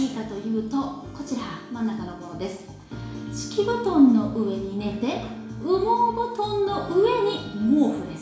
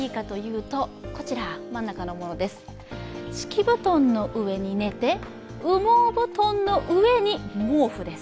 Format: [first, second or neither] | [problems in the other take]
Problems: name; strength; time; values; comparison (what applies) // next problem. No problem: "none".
second | room echo; dies away in 0.7 s